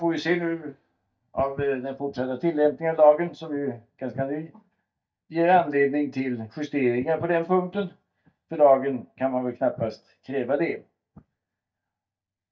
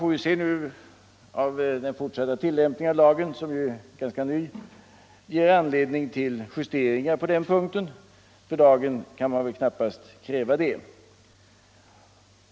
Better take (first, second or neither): second